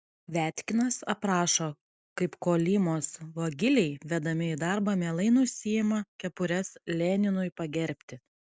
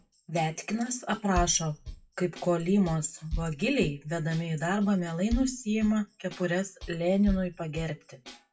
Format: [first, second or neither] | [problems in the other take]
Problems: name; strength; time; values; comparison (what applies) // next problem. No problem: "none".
first | noise reduction (classical method WPE with log-MMSE)